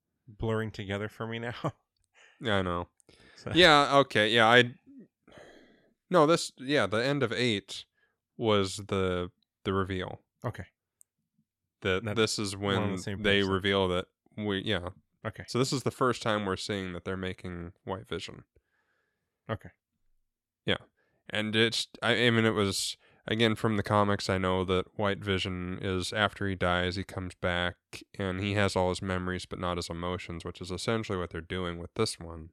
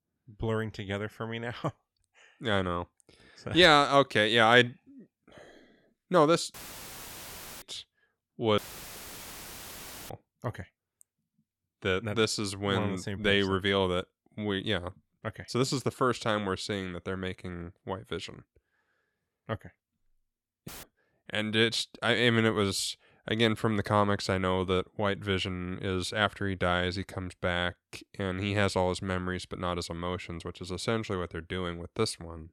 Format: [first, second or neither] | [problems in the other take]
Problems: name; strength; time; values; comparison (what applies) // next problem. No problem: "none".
first | audio cutting out; filled with static; at 6.5 s for 1 s, at 8.5 s for 1.5 s and at 21 s